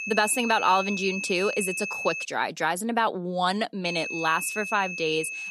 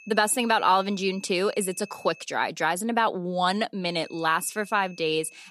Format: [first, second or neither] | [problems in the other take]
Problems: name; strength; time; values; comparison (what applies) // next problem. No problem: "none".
second | high-pitched whine; loud; until 2.5 s and from 4 s on; 2.5 kHz, 5 dB below the speech; faint in the second